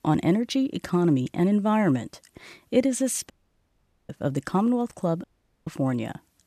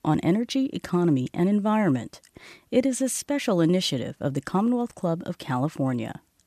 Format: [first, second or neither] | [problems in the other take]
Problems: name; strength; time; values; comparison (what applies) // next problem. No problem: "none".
second | audio cutting out; at 3.5 s for 1 s and at 5 s